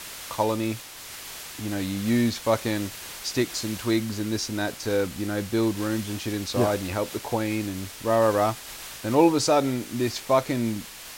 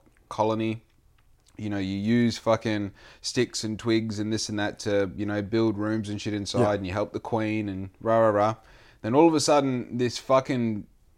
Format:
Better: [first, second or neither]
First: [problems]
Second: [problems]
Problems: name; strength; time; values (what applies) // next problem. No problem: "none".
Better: second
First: hiss; noticeable; throughout; 10 dB below the speech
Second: none